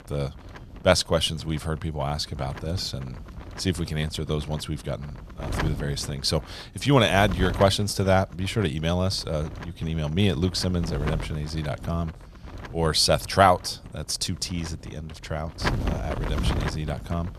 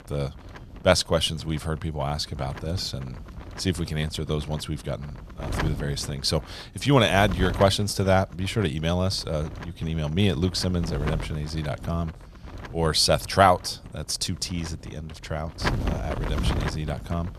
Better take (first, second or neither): neither